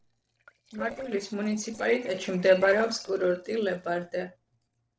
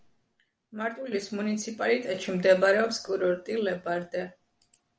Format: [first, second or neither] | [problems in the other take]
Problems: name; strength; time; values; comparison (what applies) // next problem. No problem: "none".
second | noise reduction (neural separator model SepFormer DNS4)